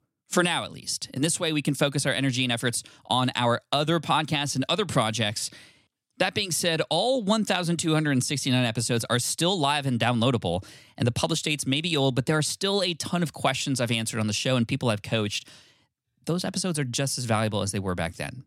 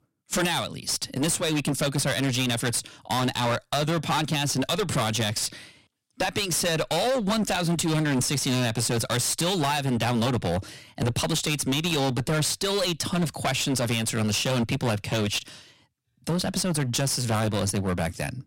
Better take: first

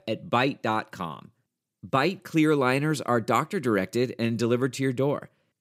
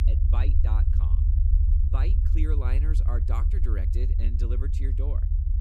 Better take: first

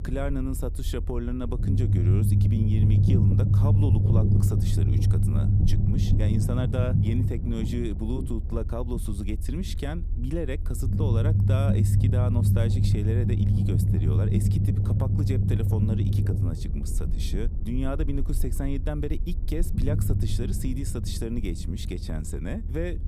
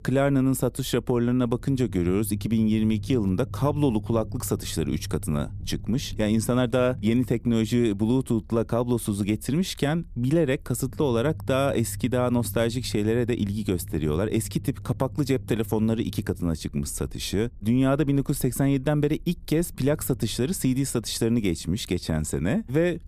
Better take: second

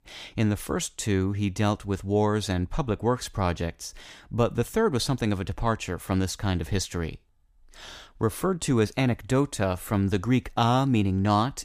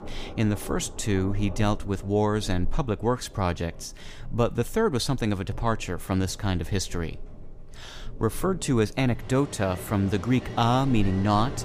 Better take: first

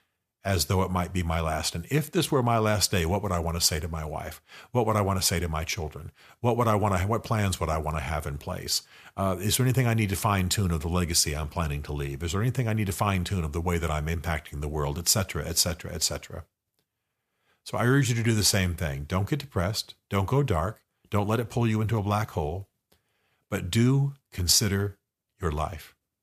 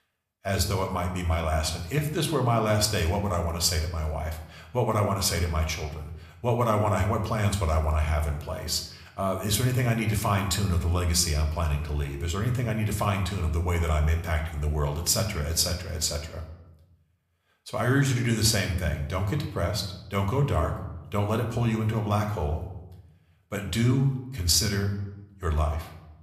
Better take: first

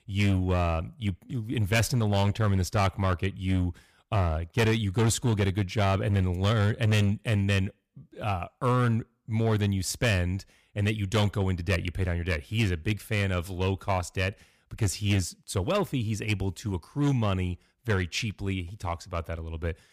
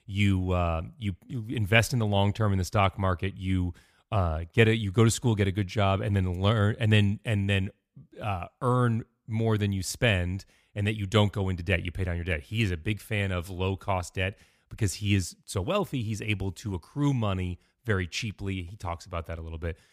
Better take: second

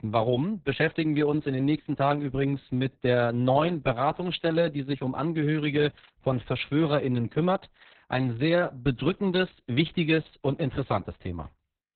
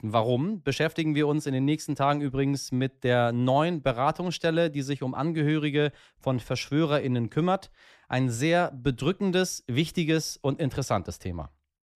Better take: second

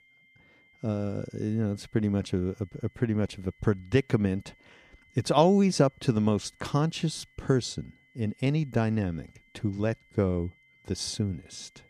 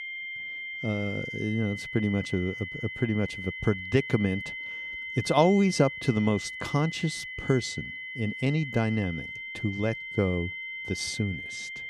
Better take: first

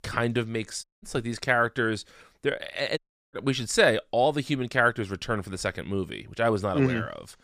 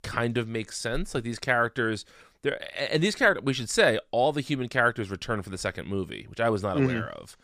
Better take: second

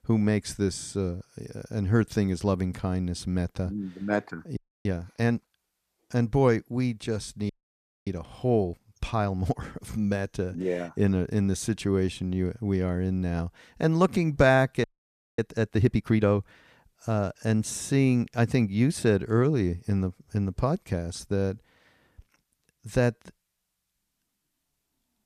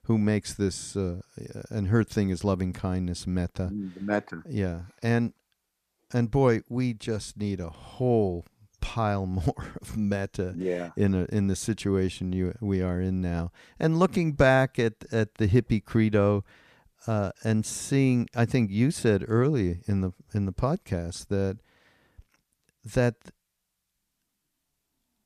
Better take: second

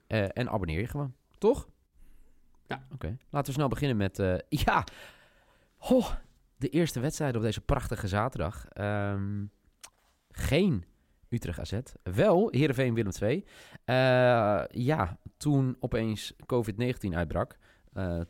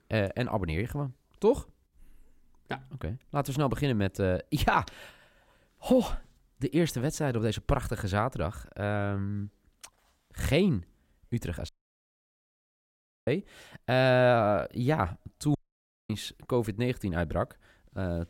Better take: first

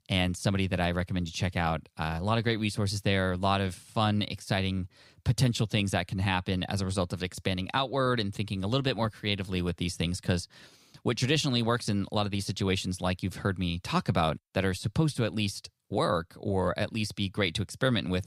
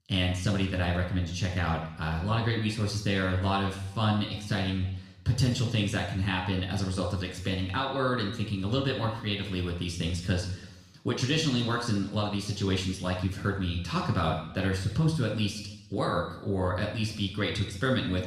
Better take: first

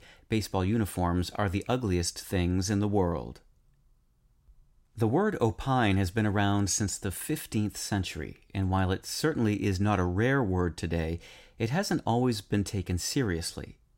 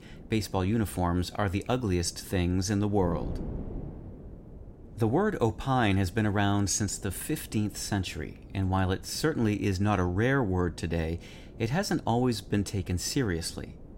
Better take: first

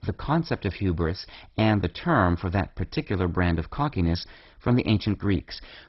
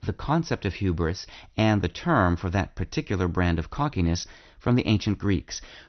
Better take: second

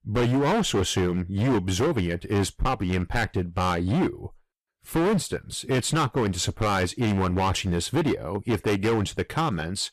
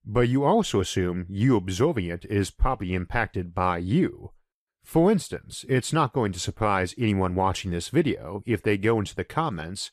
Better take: second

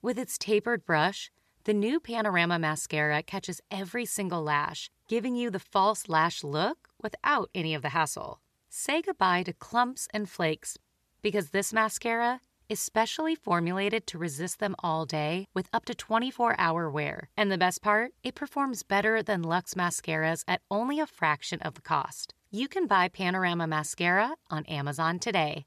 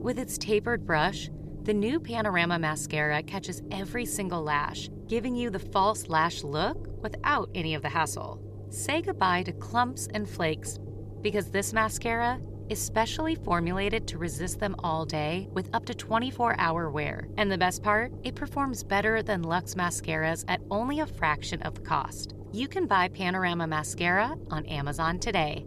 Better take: first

